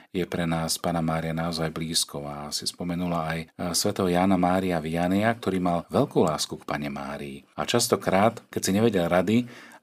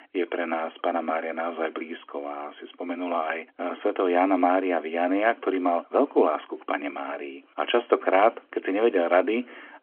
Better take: first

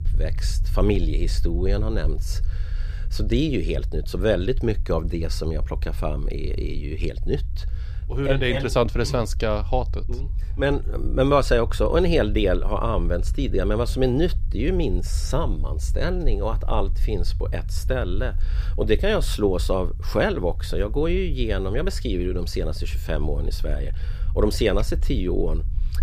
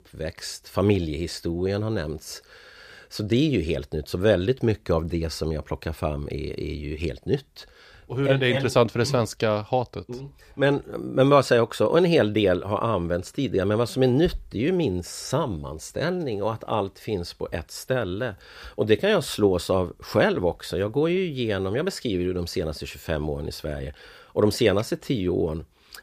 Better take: second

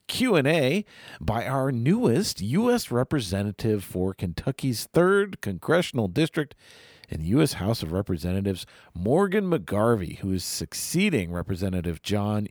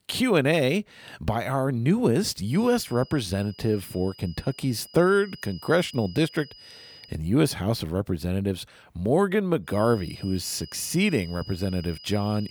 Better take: first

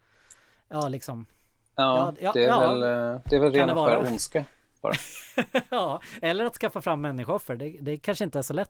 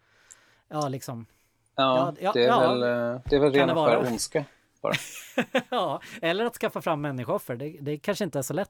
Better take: second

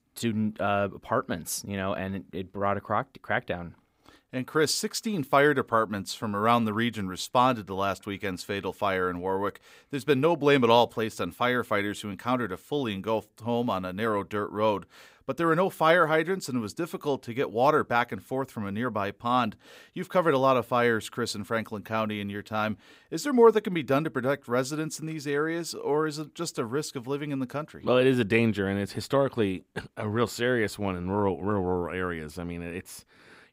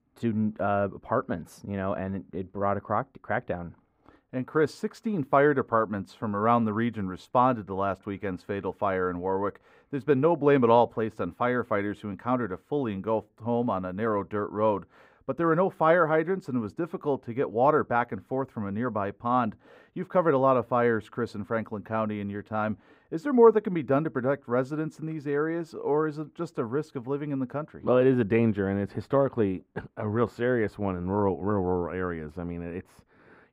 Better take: first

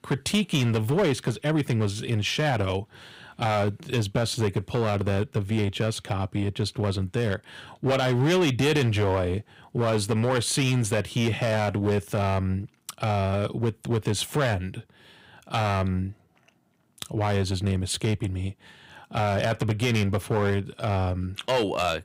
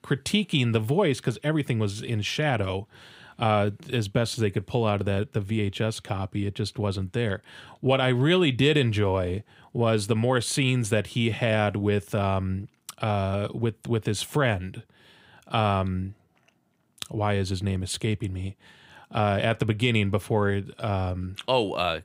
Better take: second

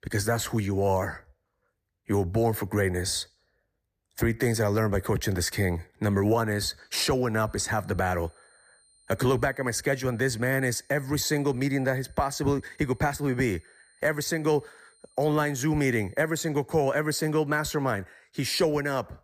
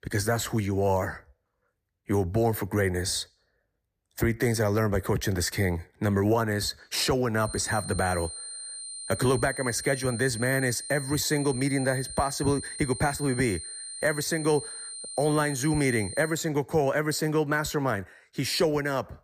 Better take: first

